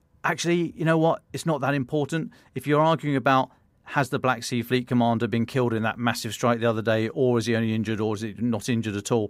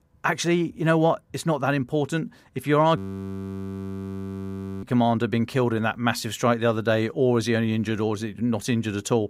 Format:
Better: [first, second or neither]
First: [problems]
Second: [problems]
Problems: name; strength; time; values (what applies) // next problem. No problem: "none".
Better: first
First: none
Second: audio freezing; at 3 s for 2 s